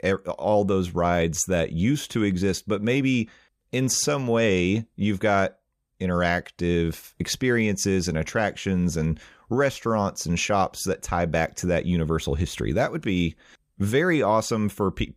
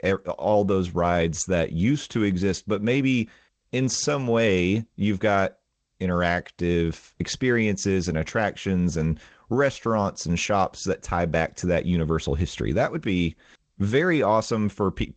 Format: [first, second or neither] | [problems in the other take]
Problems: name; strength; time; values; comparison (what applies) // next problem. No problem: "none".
first | garbled, watery; slightly; nothing above 7.5 kHz